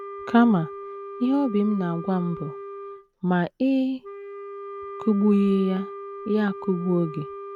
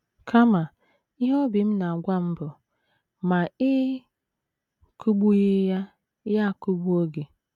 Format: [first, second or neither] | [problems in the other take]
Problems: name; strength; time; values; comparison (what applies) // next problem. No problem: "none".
second | background sound (Wind instrument, woodwind instrument); 12 dB below the speech